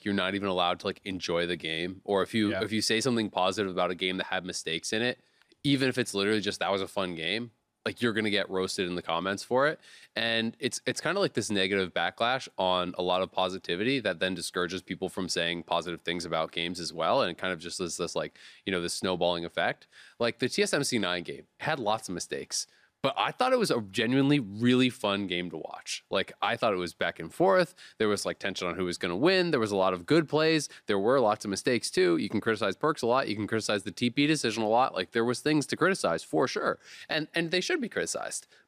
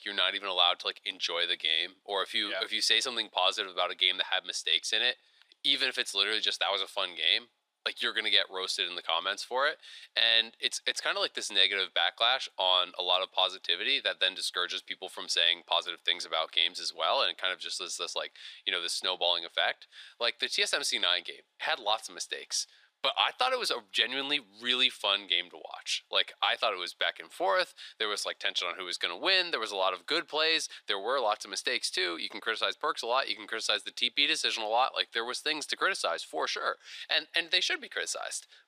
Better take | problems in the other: first | thin; very; fading below 700 Hz

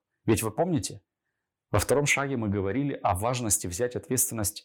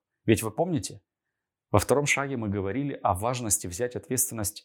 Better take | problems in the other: second | distortion; slight; 10 dB below the speech

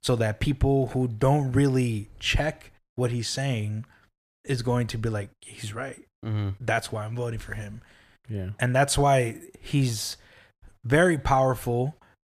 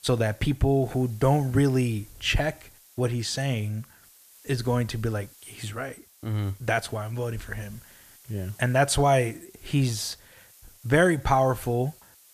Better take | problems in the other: first | hiss; faint; throughout; 25 dB below the speech

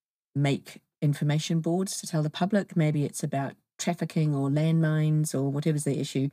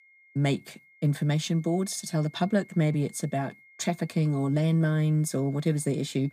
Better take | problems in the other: first | high-pitched whine; faint; throughout; 2 kHz, 25 dB below the speech

